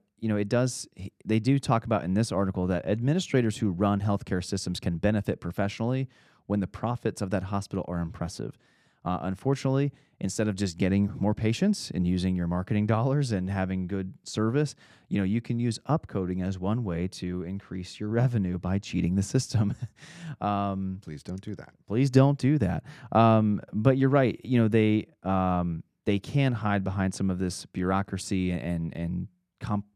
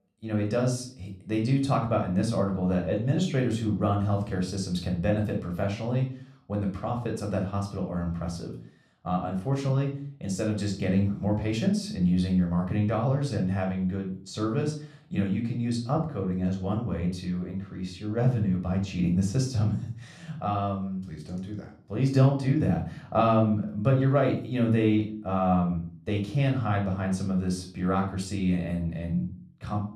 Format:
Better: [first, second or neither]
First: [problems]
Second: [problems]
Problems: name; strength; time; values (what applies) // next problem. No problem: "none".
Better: first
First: none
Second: off-mic speech; somewhat distant // room echo; slight; dies away in 0.4 s